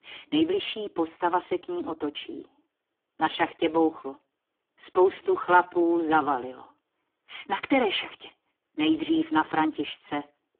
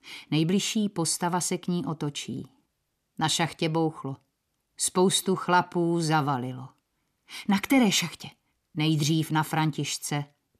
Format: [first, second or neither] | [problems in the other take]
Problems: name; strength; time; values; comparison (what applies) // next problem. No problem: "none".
second | phone-call audio; poor line; nothing above 3.5 kHz